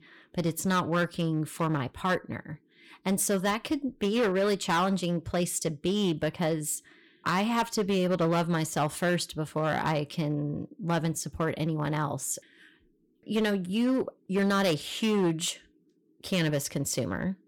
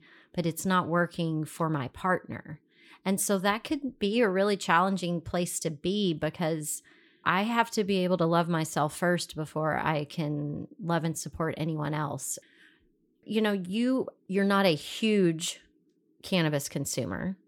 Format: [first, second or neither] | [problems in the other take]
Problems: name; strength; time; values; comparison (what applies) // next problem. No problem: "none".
second | distortion; slight; 7% of the sound clipped